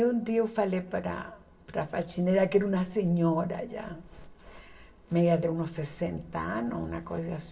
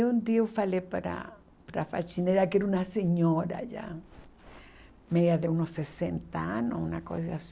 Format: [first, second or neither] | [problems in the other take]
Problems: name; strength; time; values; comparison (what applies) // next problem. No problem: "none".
second | room echo; dies away in 0.7 s